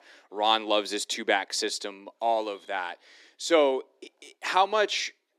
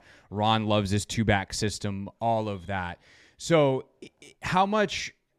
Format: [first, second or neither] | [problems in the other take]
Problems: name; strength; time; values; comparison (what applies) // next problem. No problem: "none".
second | thin; very; fading below 300 Hz